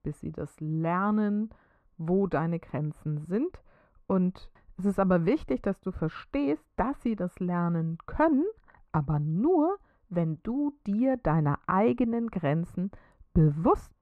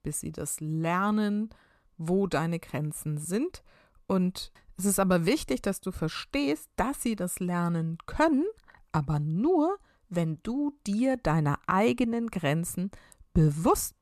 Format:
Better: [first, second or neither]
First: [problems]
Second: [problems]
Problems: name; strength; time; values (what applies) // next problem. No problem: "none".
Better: second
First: muffled; very; fading above 3.5 kHz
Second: none